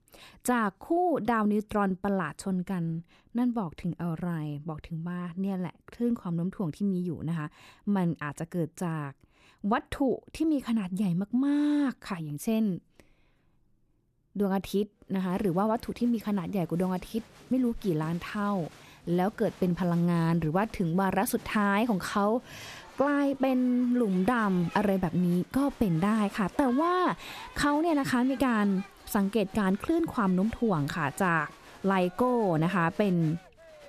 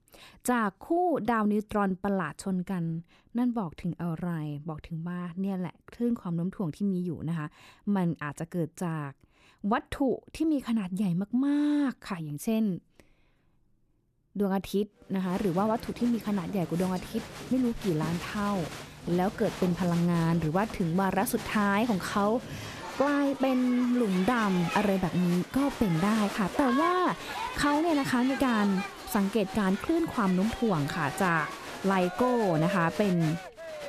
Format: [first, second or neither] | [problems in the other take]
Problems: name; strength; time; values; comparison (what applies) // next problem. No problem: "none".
first | crowd noise; loud; from 15 s on; 10 dB below the speech; faint in the first